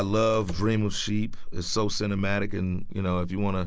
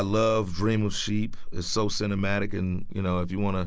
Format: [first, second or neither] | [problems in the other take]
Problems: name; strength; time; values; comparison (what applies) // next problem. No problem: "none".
second | background sound (Slam / Wood); 16 dB below the speech